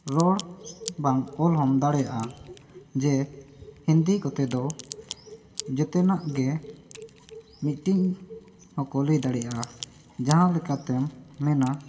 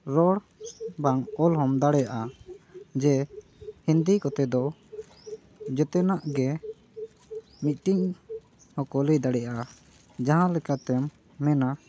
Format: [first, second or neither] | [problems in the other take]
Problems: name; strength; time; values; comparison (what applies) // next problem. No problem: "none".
second | background sound (Crack); 20 dB below the speech // room echo; dies away in 1.4 s